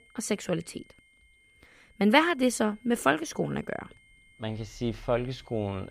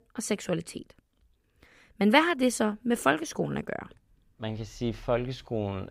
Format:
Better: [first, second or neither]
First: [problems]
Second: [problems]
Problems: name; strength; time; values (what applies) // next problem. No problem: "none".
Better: second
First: high-pitched whine; faint; throughout; 2 kHz, 30 dB below the speech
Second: none